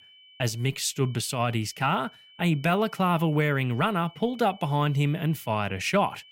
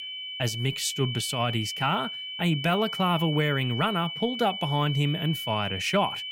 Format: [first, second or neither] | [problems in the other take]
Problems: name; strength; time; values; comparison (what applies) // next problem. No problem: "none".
first | high-pitched whine; loud; throughout; 3 kHz, 5 dB below the speech; faint in the first